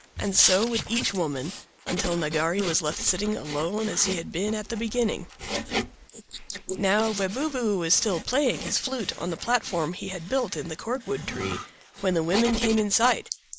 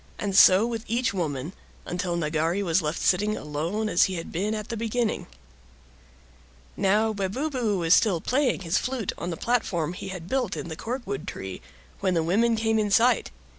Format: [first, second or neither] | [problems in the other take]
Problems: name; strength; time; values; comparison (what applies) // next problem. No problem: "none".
second | noise reduction (neural mask model Resemble Enhance denoiser)